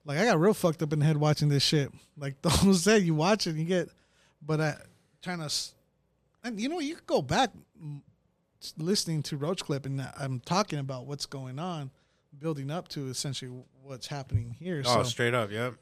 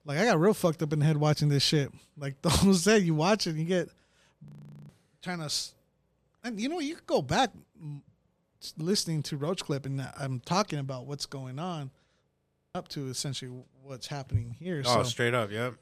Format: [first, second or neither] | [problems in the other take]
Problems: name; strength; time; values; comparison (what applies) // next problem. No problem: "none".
first | audio freezing; at 4.5 s and at 12 s